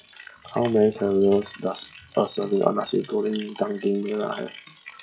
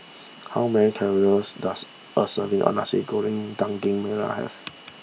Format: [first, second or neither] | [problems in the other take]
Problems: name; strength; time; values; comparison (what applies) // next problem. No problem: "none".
second | noise reduction (classical method log-MMSE)